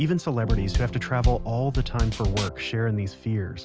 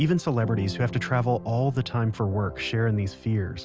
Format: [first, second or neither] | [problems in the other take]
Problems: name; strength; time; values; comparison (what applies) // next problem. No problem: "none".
second | background sound (Drum kit); 1 dB below the speech